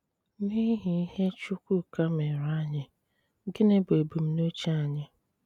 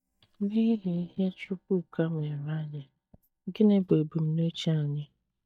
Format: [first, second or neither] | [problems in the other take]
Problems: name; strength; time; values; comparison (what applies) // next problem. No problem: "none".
first | noise reduction (neural mask model DeepFilterNet 3)